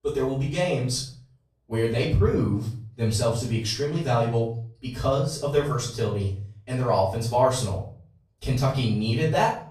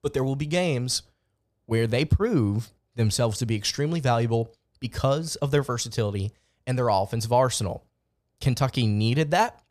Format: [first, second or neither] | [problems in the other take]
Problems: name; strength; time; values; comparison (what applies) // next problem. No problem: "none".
second | off-mic speech; far // room echo; noticeable; dies away in 0.4 s